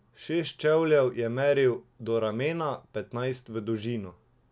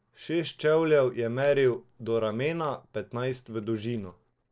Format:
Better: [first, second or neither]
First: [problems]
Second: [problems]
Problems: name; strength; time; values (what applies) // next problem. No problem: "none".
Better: first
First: none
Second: noise reduction (neural separator model SepFormer DNS4)